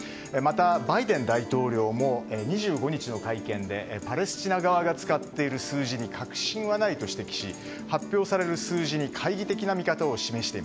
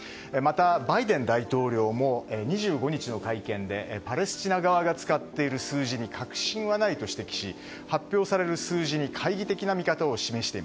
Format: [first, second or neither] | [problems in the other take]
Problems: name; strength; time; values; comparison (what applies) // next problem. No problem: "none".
second | background sound (Guitar); 13 dB below the speech